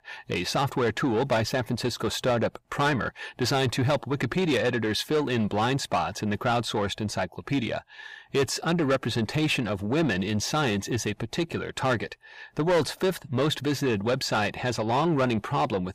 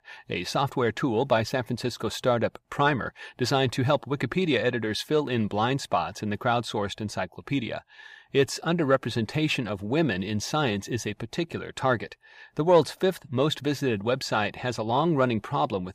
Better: second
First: distortion; slight; 10 dB below the speech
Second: none

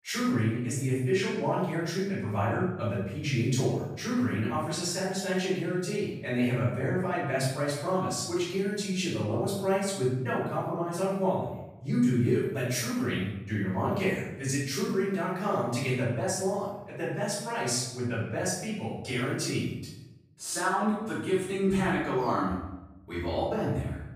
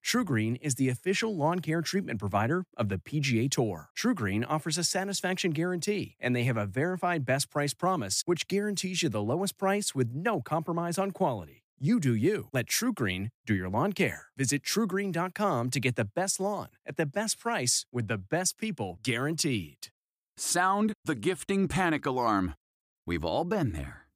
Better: second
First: off-mic speech; far // room echo; noticeable; dies away in 0.8 s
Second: none

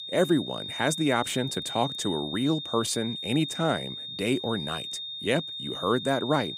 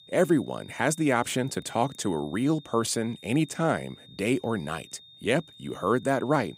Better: second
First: high-pitched whine; loud; throughout; 3.5 kHz, 6 dB below the speech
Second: high-pitched whine; faint; throughout; 3.5 kHz, 20 dB below the speech

